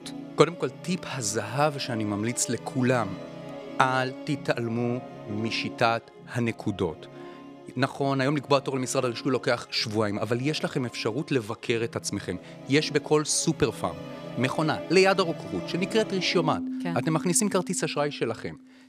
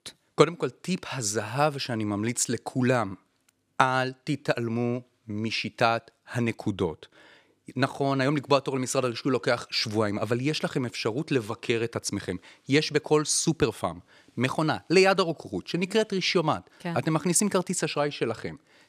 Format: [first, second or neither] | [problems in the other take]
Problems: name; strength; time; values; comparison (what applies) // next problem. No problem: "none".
second | background music; noticeable; throughout; 15 dB below the speech